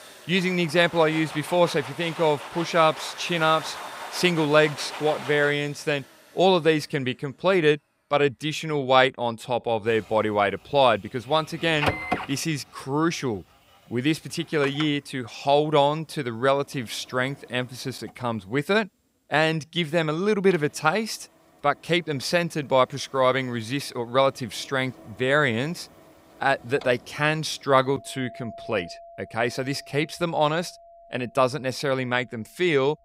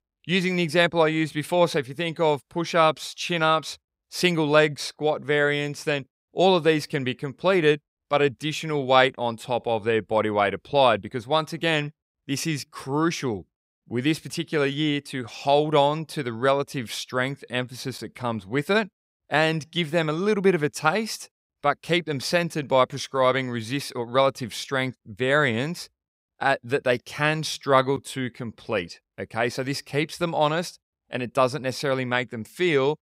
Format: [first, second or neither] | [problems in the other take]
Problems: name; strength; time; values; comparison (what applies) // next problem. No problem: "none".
second | household noises; noticeable; throughout; 15 dB below the speech